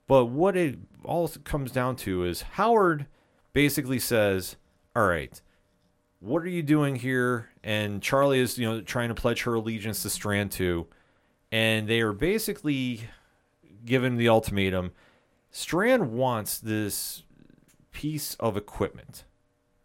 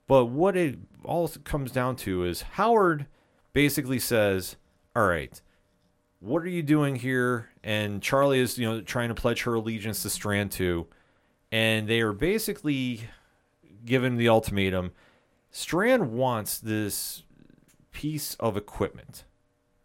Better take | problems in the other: neither | none

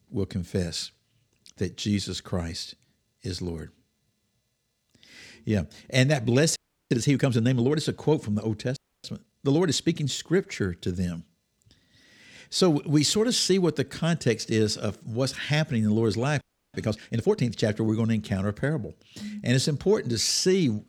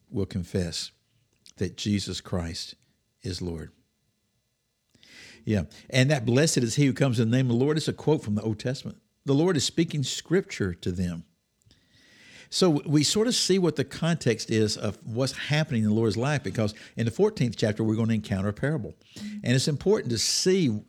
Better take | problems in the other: second | audio freezing; at 6.5 s, at 9 s and at 16 s

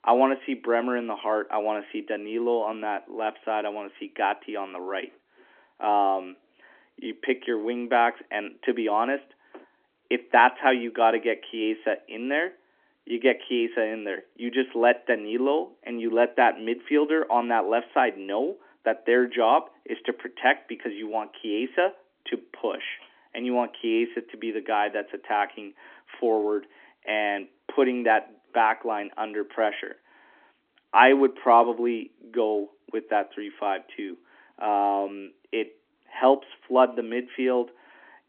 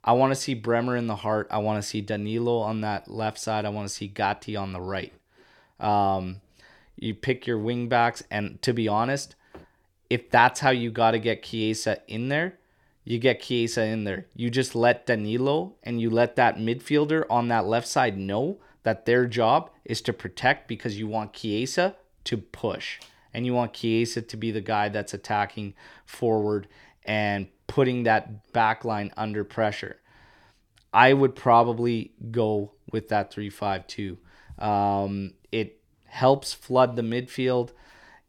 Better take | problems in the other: second | phone-call audio; nothing above 3.5 kHz

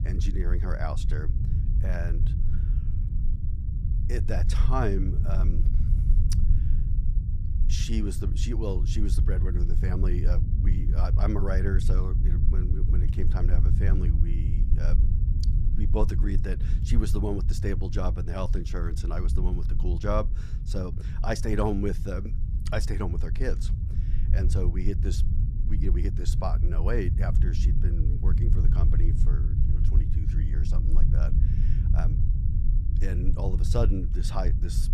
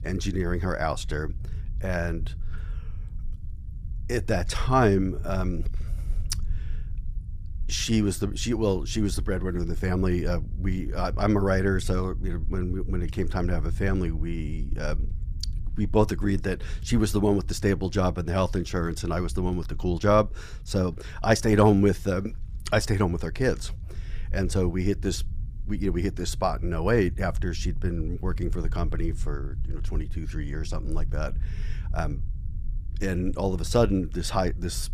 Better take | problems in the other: second | low rumble; loud; throughout; 7 dB below the speech; faint in the second

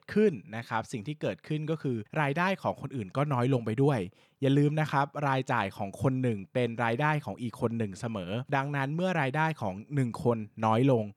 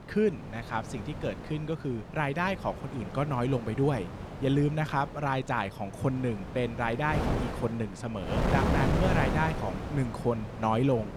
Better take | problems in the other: first | wind noise on the microphone; heavy; 6 dB below the speech

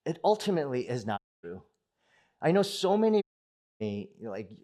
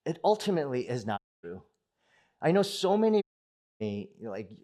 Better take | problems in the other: neither | audio cutting out; at 1 s and at 3 s for 0.5 s; the same in both

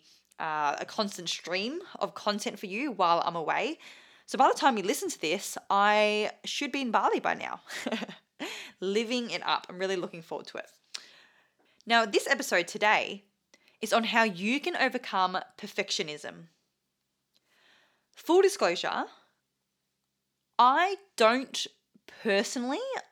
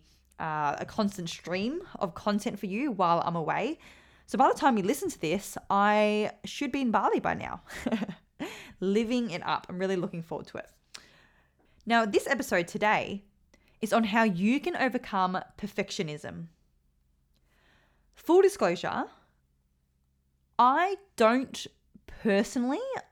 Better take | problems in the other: second | thin; very slightly; fading below 300 Hz

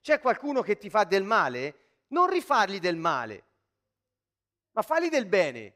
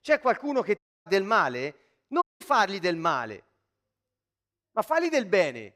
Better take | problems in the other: first | audio cutting out; at 1 s and at 2 s

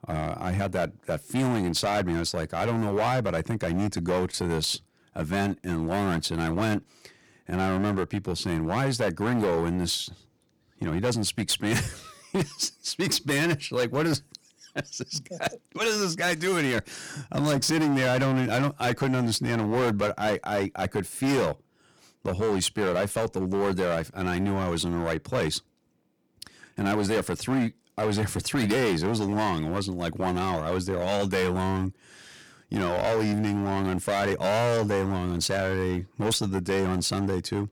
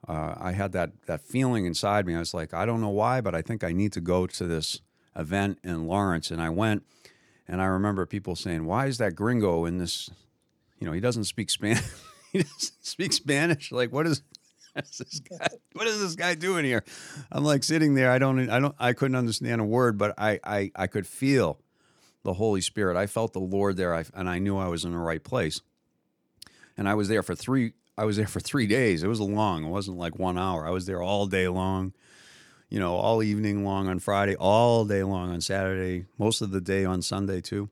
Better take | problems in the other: second | distortion; heavy; 14% of the sound clipped

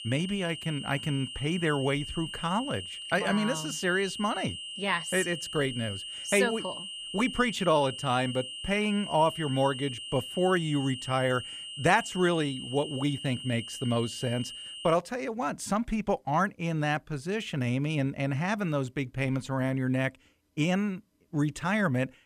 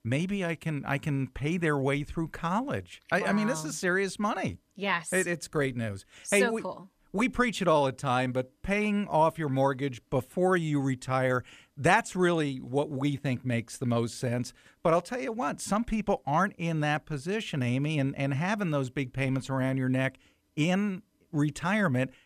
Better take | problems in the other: second | high-pitched whine; loud; until 15 s; 3 kHz, 8 dB below the speech

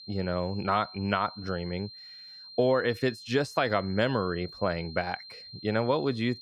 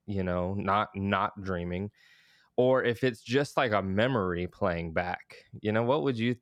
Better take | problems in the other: second | high-pitched whine; noticeable; throughout; 4 kHz, 15 dB below the speech

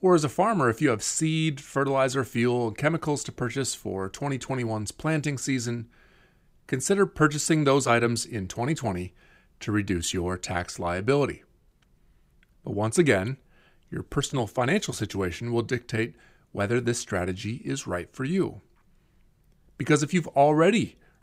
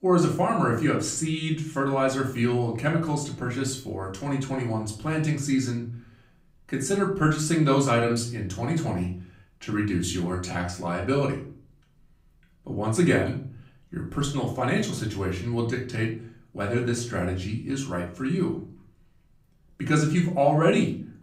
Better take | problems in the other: first | off-mic speech; far // room echo; slight; dies away in 0.4 s

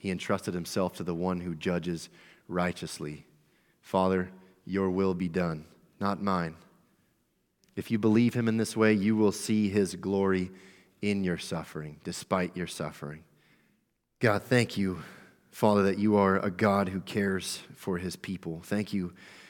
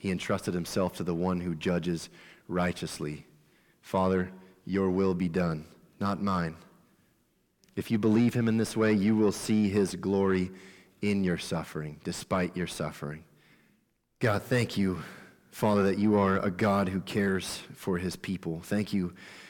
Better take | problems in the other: first | distortion; slight; 10 dB below the speech

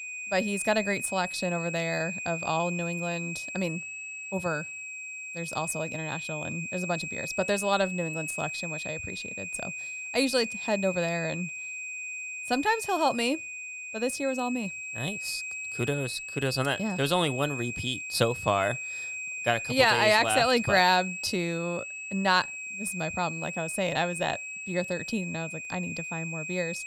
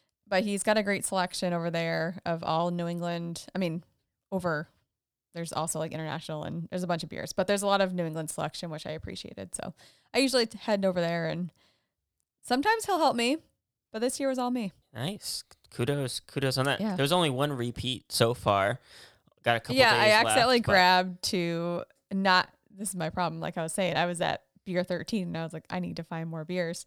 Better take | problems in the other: second | high-pitched whine; loud; throughout; 2.5 kHz, 6 dB below the speech

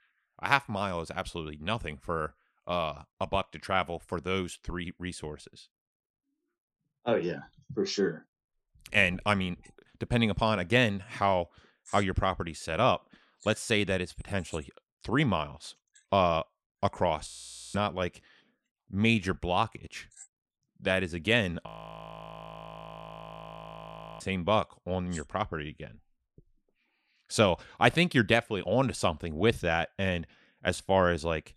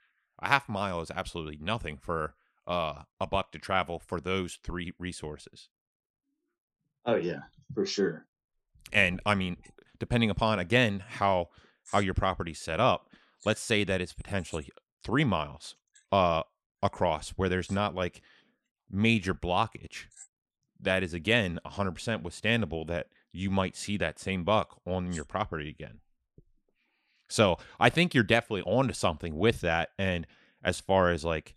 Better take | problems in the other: second | audio freezing; at 17 s and at 22 s for 2.5 s

